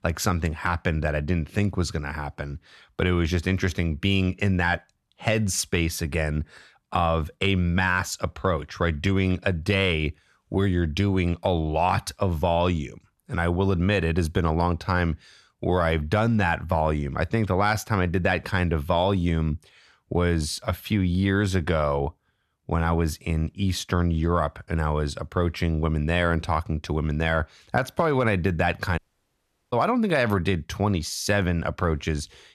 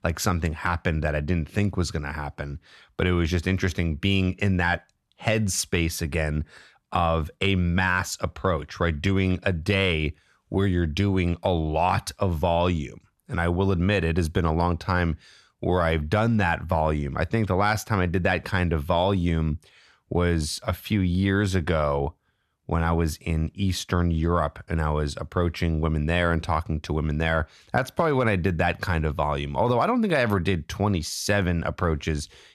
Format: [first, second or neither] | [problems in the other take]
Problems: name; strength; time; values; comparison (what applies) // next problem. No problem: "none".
second | audio cutting out; at 29 s for 0.5 s